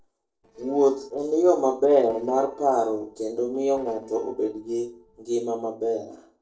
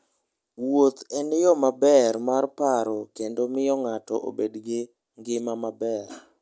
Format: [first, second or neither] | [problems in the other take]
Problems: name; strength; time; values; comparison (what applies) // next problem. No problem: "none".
second | noise reduction (neural separator model SepFormer DNS4)